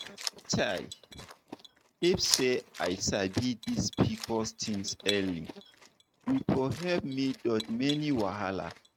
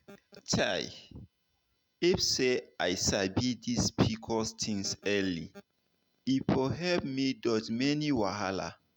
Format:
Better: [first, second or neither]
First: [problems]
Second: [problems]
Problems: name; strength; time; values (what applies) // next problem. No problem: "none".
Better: second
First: noise reduction (neural mask model RNNoise)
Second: none